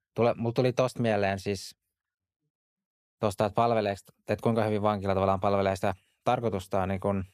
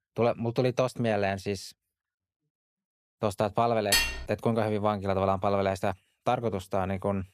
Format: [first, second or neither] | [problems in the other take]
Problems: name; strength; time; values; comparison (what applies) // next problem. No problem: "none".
first | clattering dishes; loud; at 4 s; peak 4 dB above the speech